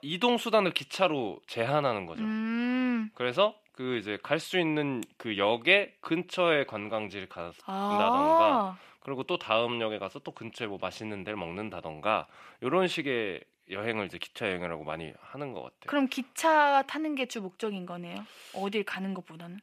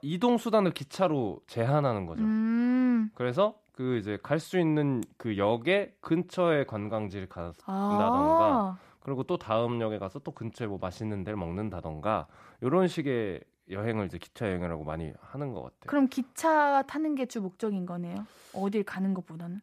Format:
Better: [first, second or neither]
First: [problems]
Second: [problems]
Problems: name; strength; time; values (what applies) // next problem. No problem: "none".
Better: second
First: thin; very slightly; fading below 800 Hz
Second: none